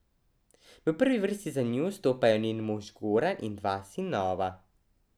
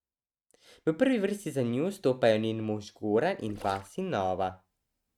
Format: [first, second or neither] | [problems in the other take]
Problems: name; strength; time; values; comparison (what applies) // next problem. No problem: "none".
first | noise reduction (neural mask model RNNoise)